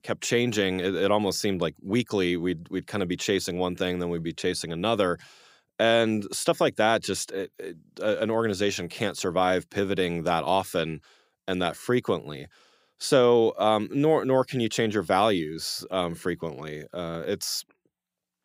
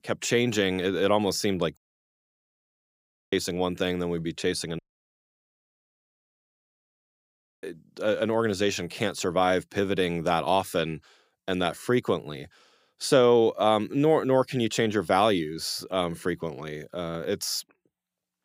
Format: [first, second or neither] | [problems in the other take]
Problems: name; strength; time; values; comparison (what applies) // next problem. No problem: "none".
first | audio cutting out; at 2 s for 1.5 s and at 5 s for 3 s